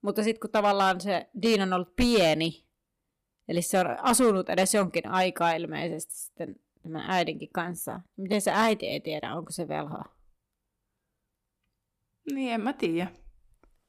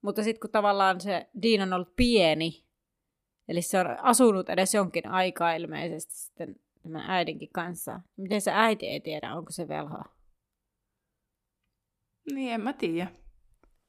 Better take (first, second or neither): second